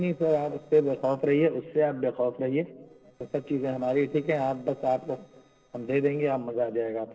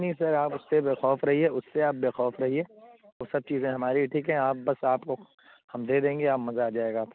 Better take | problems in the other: second | noise reduction (neural separator model SepFormer DNS4)

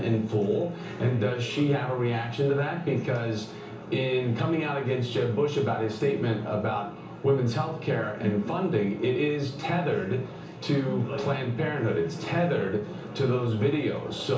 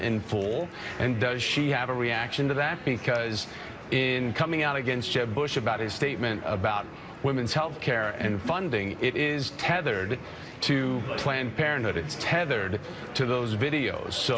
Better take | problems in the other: second | room echo; dies away in 0.8 s

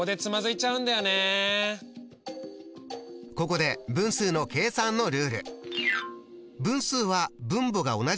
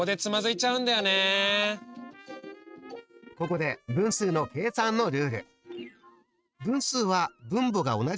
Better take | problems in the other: first | noise reduction (neural mask model RNNoise)

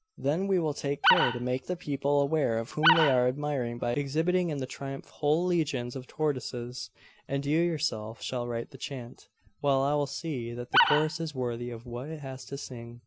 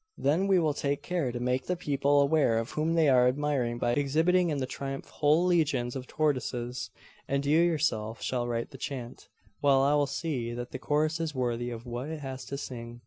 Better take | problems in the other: second | background sound (Animal); 3 dB above the speech

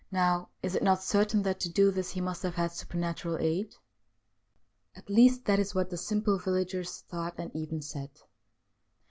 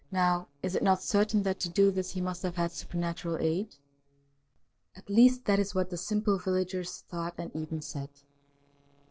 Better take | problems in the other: first | noise reduction (neural separator model SepFormer DNS4)

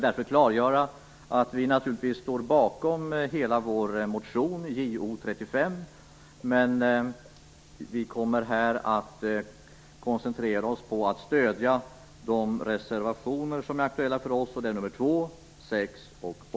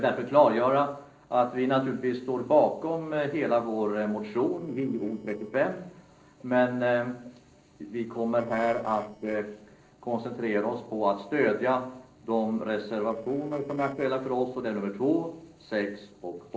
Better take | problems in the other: first | noise reduction (neural separator model SepFormer DNS4)

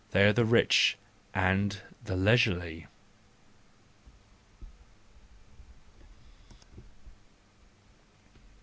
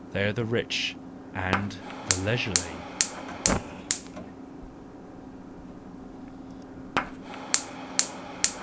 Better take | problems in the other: first | background sound (Fire); 3 dB above the speech

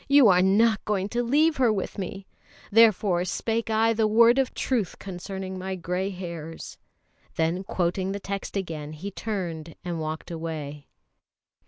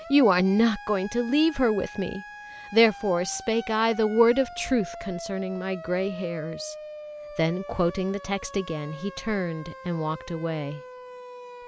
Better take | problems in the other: first | background sound (Siren); 15 dB below the speech

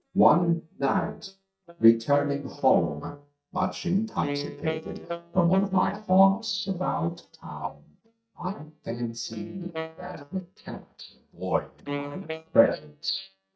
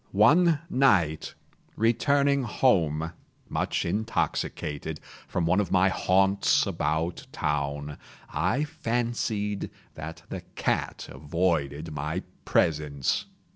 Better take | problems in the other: second | noise reduction (neural mask model DeepFilterNet 3)

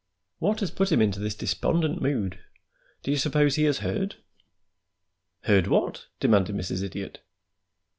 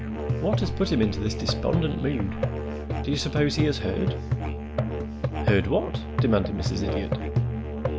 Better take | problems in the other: first | background sound (Musical instrument); as loud as the speech

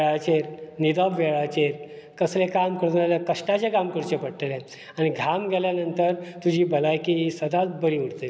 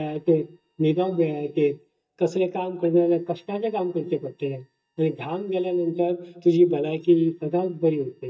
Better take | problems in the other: first | noise reduction (neural mask model DeepFilterNet 3)

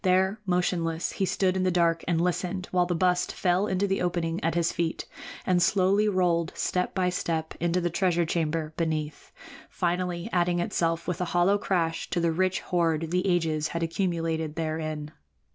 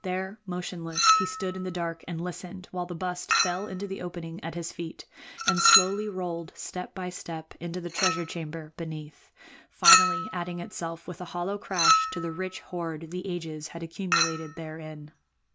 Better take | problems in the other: first | background sound (Chink, clink); 3 dB above the speech

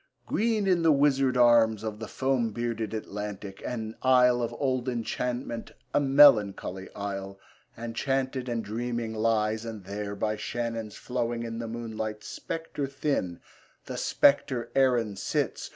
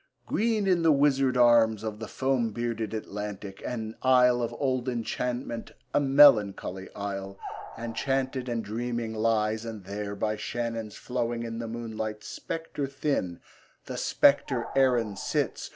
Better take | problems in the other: first | background sound (Animal); 14 dB below the speech

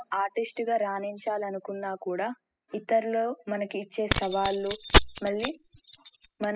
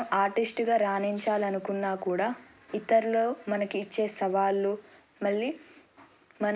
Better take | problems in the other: second | noise reduction (classical method spectral subtraction)

